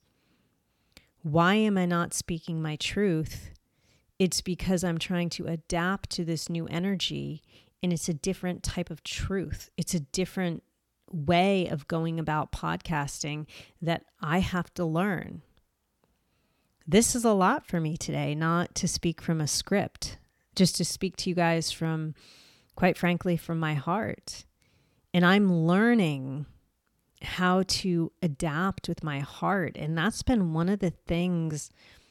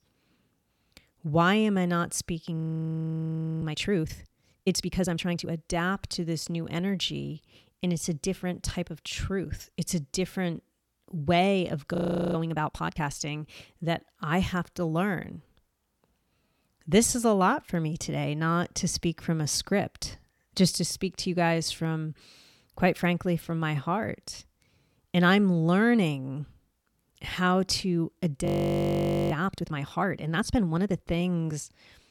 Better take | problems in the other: first | audio freezing; at 2.5 s for 1 s, at 12 s and at 28 s for 1 s

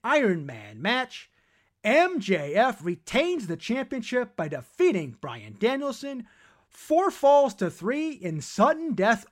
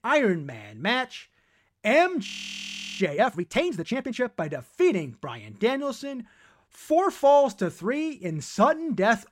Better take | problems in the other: first | audio freezing; at 2.5 s for 0.5 s

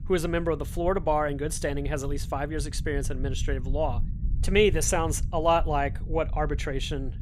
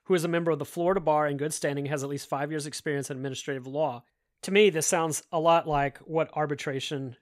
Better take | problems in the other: second | low rumble; faint; throughout; 20 dB below the speech

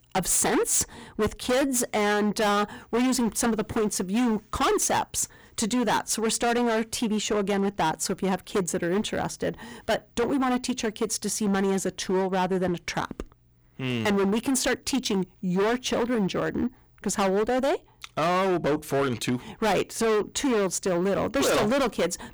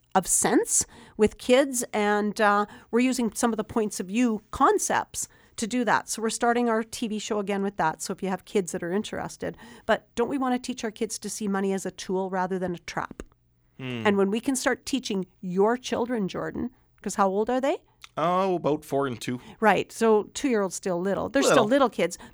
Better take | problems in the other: second | distortion; heavy; 20% of the sound clipped

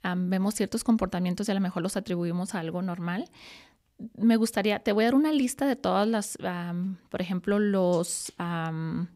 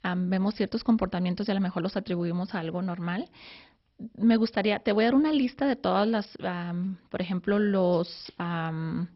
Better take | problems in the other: first | garbled, watery; badly; nothing above 5.5 kHz

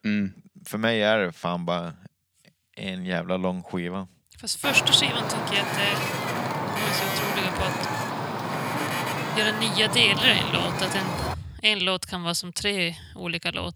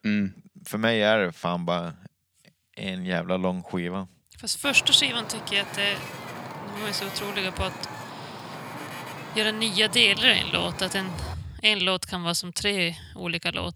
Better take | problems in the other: second | wind noise on the microphone; heavy; from 4.5 to 11 s; 4 dB below the speech; occasional gusts in the second

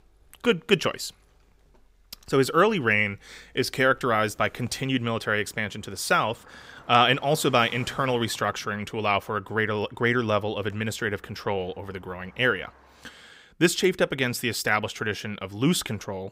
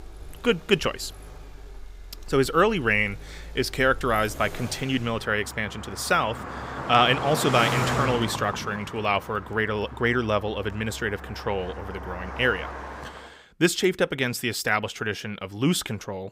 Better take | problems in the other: first | traffic noise; loud; until 13 s; 10 dB below the speech; faint in the first

